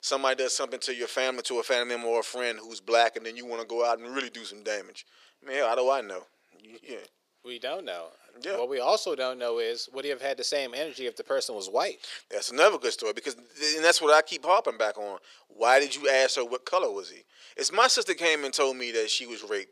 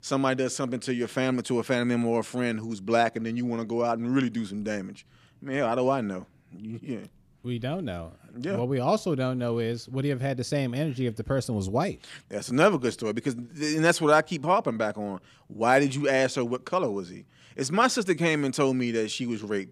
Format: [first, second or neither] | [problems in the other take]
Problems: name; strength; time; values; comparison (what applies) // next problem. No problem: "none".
second | thin; very; fading below 450 Hz